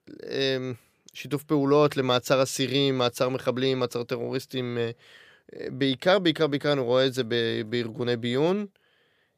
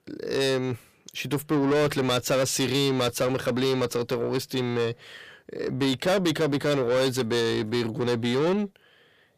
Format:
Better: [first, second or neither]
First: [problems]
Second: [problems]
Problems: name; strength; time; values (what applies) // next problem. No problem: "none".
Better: first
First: none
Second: distortion; heavy; 7 dB below the speech